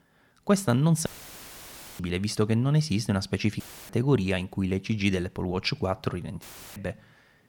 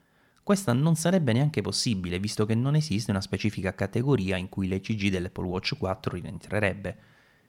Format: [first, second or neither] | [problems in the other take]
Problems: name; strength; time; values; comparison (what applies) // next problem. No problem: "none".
second | audio cutting out; filled with static; at 1 s for 1 s, at 3.5 s and at 6.5 s